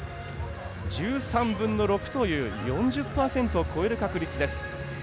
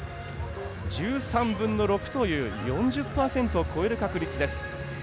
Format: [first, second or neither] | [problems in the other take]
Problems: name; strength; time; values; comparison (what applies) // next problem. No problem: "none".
first | background sound (Marimba, xylophone); 18 dB below the speech